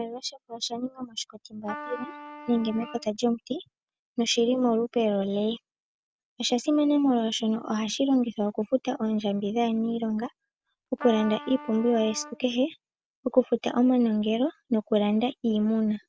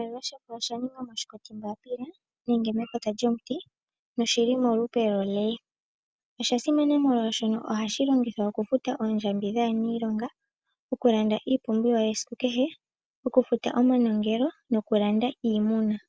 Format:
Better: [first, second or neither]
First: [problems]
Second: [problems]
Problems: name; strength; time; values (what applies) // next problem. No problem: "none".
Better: second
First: background sound (Trumpet); 15 dB below the speech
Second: none